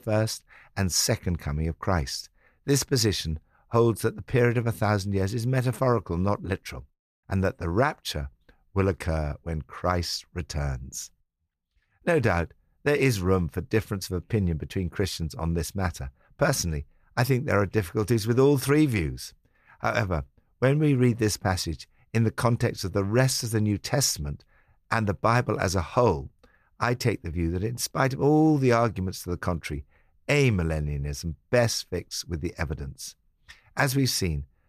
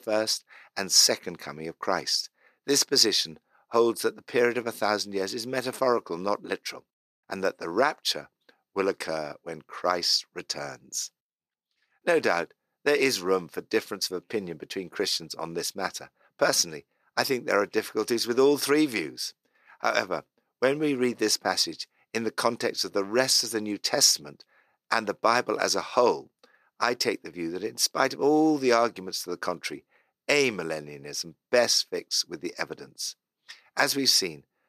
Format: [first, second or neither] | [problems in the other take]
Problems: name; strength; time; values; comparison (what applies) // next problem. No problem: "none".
first | thin; somewhat; fading below 300 Hz